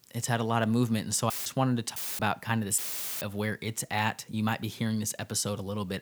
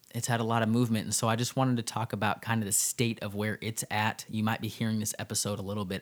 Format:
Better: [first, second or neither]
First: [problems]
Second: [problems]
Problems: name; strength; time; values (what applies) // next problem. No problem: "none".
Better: second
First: audio cutting out; filled with static; at 1.5 s, at 2 s and at 3 s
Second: none